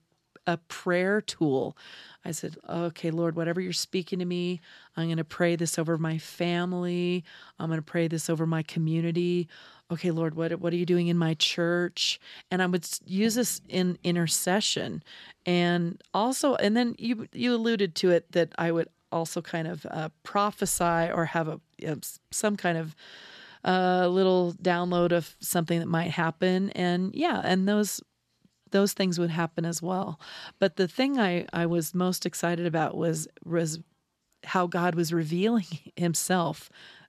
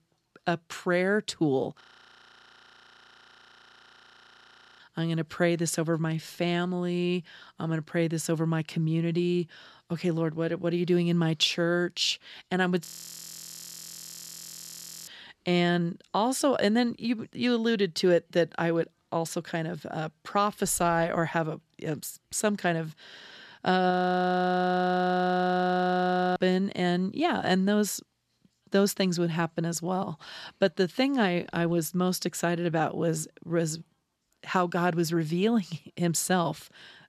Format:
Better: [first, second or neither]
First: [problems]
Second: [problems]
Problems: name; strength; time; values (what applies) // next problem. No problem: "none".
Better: first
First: none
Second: audio freezing; at 2 s for 3 s, at 13 s for 2 s and at 24 s for 2.5 s